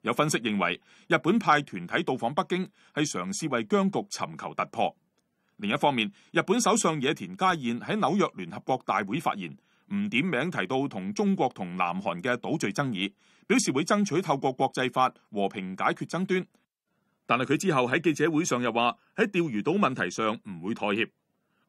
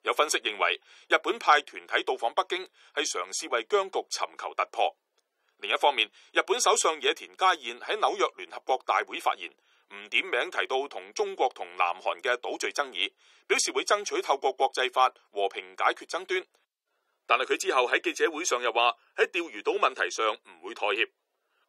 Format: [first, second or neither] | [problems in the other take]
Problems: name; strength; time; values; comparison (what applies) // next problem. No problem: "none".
first | thin; very; fading below 400 Hz